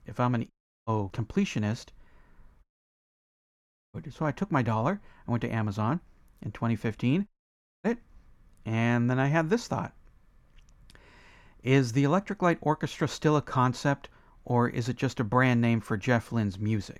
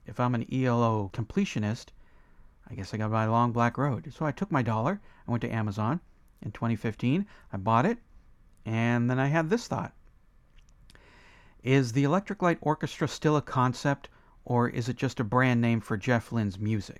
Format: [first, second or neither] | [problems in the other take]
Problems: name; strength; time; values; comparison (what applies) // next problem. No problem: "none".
second | audio cutting out; at 0.5 s, at 2.5 s for 1.5 s and at 7.5 s for 0.5 s